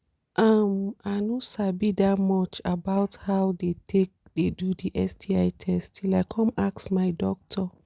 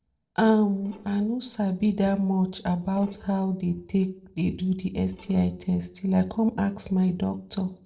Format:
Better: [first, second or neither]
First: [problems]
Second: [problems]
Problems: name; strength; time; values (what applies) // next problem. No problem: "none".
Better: first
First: none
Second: noise reduction (neural separator model SepFormer DNS4)